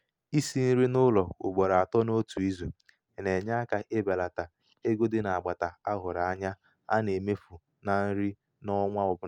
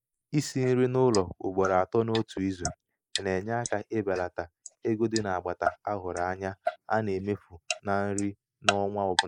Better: first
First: none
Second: noise reduction (neural mask model Resemble Enhance denoiser)

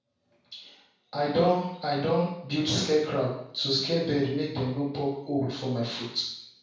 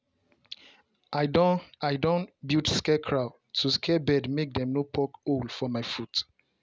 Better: second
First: room echo; dies away in 0.7 s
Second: none

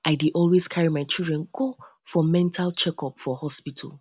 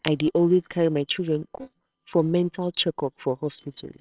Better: first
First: none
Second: noise reduction (neural separator model SepFormer WHAMR!)

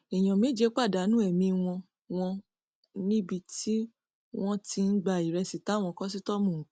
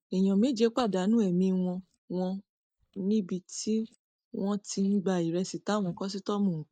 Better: first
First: none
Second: noise reduction (neural mask model DeepFilterNet 3)

